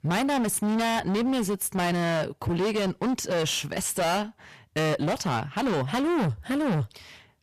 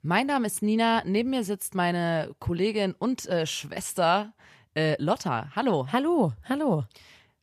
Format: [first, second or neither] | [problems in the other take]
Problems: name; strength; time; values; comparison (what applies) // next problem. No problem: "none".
second | distortion; heavy; 28% of the sound clipped